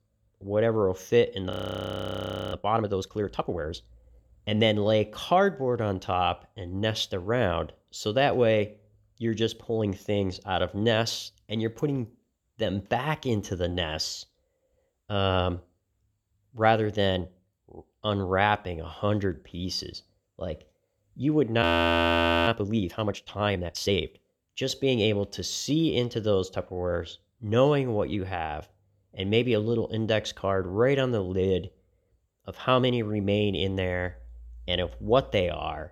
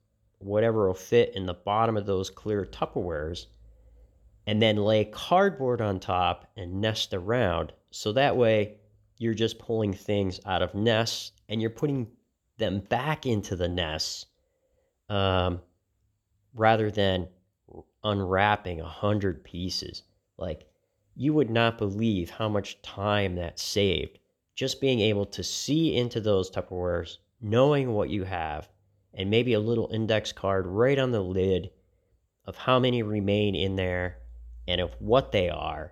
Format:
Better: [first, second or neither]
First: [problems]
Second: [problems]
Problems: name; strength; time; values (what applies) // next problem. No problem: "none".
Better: second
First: audio freezing; at 1.5 s for 1 s and at 22 s for 1 s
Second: none